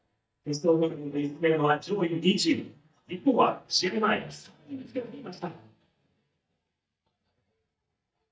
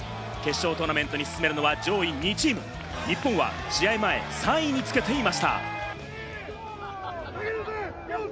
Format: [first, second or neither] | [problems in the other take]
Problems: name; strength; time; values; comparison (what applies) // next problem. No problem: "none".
second | noise reduction (neural mask model DeepFilterNet 3)